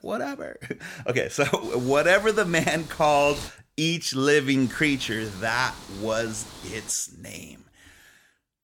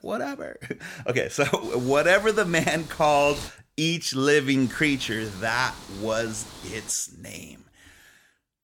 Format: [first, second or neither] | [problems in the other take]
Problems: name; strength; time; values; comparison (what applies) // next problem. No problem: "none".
neither | wind noise on the microphone; occasional gusts; from 1.5 to 3.5 s and from 4.5 to 7 s; 20 dB below the speech; the same in both